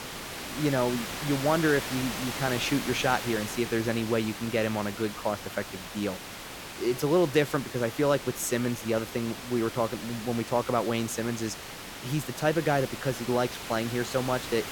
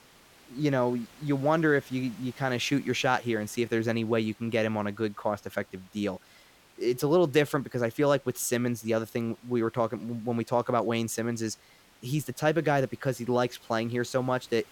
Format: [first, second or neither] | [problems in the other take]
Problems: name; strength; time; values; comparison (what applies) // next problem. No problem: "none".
second | hiss; loud; throughout; 8 dB below the speech; faint in the second